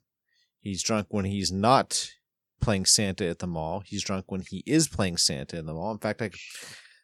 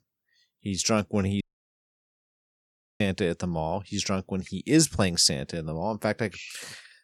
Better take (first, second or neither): first